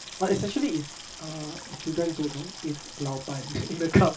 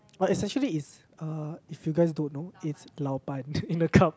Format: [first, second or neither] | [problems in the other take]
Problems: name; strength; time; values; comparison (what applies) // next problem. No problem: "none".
second | background sound (Sink (filling or washing) / Water tap, faucet); 13 dB below the speech // room echo; dies away in 0.2 s